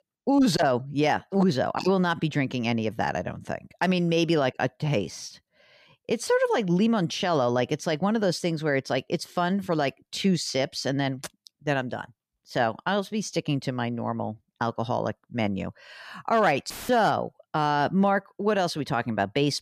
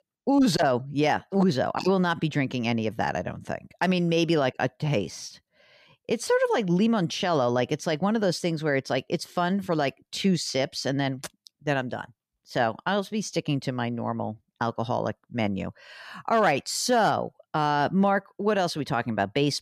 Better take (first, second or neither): second